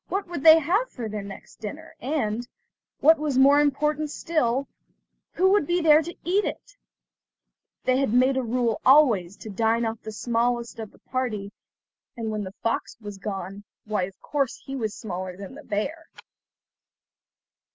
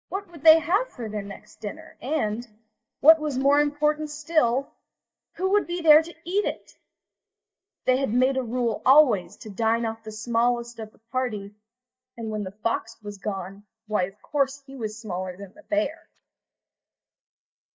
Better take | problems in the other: first | noise reduction (neural mask model DeepFilterNet 3)

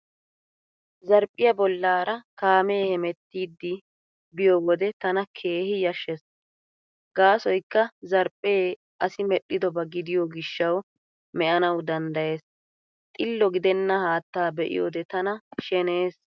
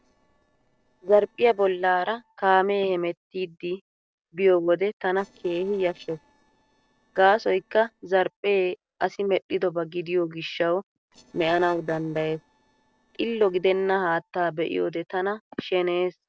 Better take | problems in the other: first | noise reduction (neural separator model SepFormer DNS4)

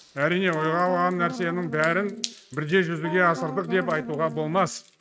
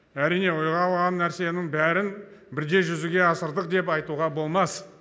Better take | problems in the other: second | noise reduction (neural mask model RNNoise)

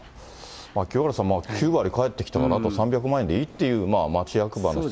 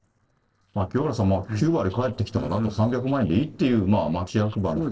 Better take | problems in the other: first | noise reduction (neural separator model SepFormer DNS4)

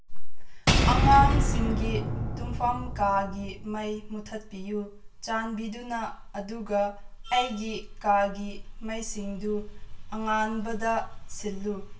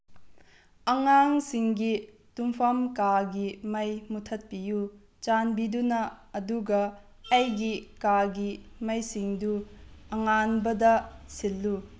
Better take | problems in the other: second | background sound (Shatter / Boom); 2 dB above the speech // room echo; dies away in 0.2 s

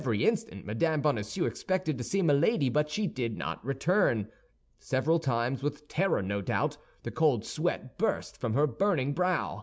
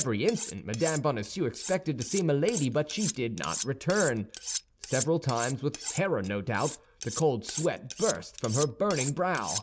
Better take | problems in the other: first | background sound (Cutlery, silverware); 9 dB below the speech

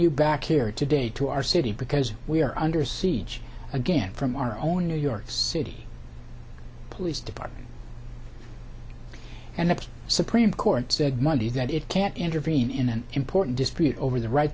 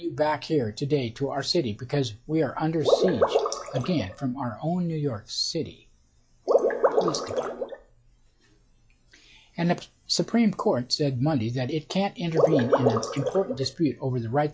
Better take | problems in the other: first | noise reduction (classical method log-MMSE)

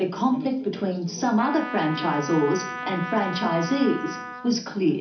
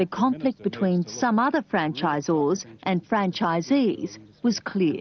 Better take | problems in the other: second | background sound (Trumpet); 10 dB below the speech // room echo; dies away in 0.4 s

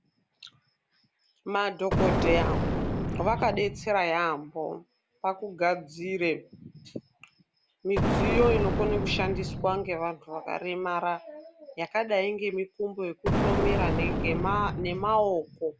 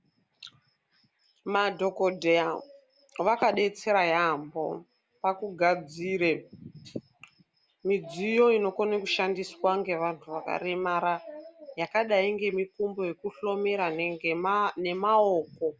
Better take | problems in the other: second | background sound (Explosion); 2 dB above the speech

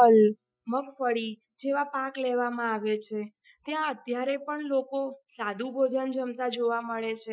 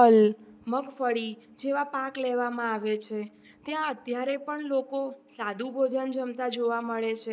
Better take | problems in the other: second | noise reduction (classical method Wiener filter)

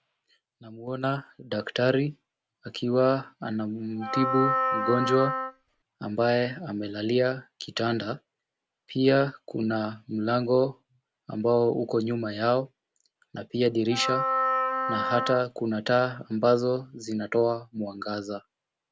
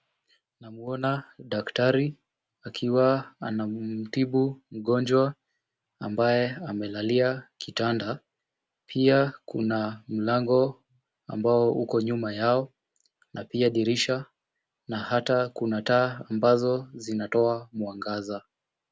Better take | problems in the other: second | background sound (Wind instrument, woodwind instrument); 1 dB below the speech

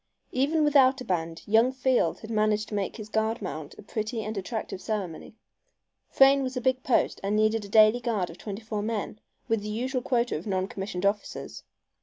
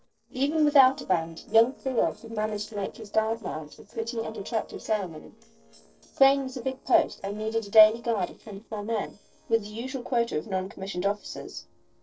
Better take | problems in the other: first | noise reduction (neural separator model SepFormer DNS4)

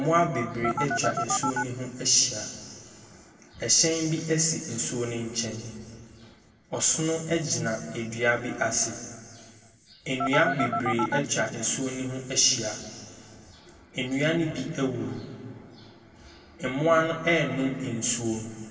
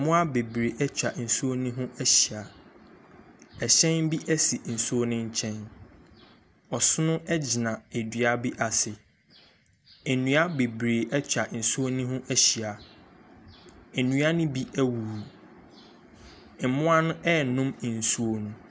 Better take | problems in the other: second | background sound (Telephone); 1 dB below the speech // room echo; dies away in 1.9 s

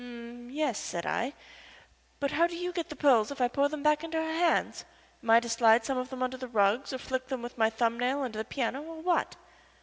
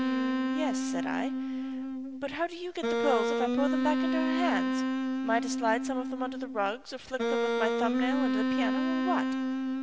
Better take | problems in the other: first | background sound (Wind instrument, woodwind instrument); 4 dB above the speech

